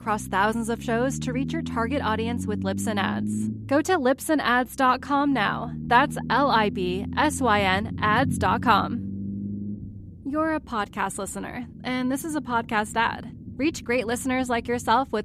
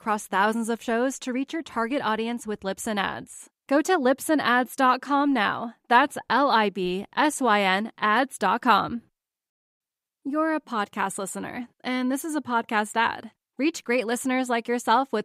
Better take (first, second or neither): second